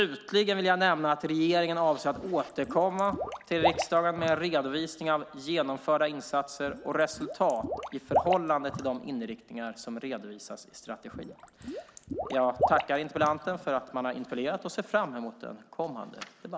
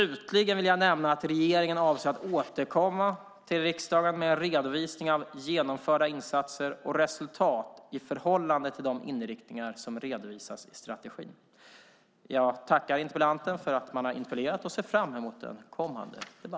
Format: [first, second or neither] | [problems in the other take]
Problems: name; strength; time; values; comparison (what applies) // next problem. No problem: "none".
second | background sound (Water / Liquid); 7 dB below the speech